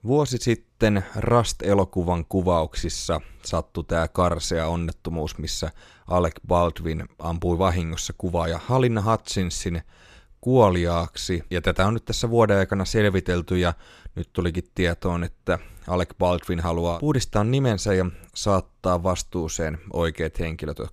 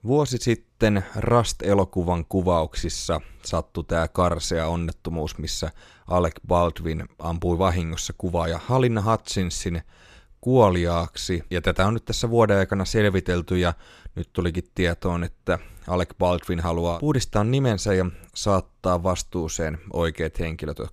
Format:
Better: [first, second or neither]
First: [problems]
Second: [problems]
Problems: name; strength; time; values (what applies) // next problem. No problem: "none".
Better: neither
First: none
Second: none